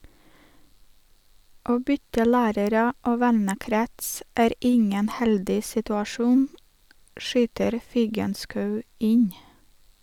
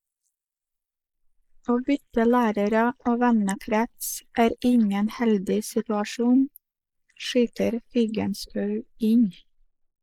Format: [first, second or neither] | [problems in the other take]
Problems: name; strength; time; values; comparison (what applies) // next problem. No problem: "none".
first | noise reduction (neural mask model Resemble Enhance denoiser)